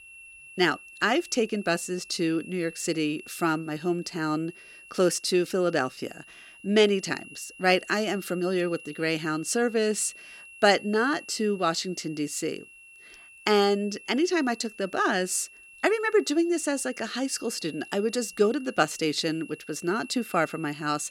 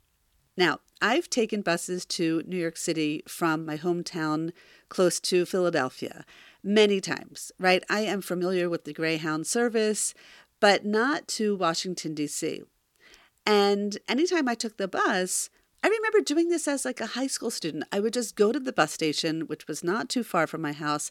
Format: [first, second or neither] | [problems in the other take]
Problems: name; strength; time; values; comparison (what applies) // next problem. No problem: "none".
second | high-pitched whine; noticeable; throughout; 2.5 kHz, 20 dB below the speech